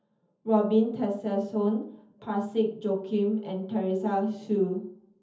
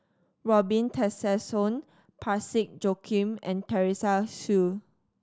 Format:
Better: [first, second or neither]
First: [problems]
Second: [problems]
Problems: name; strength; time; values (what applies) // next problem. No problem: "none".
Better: second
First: room echo; dies away in 0.7 s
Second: none